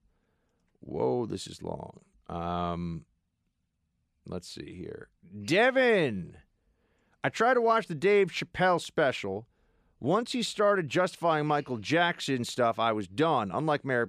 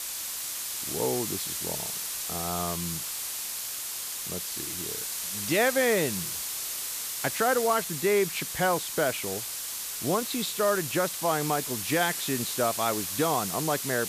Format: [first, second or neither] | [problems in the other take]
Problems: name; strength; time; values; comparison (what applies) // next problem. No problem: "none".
first | hiss; loud; throughout; 3 dB below the speech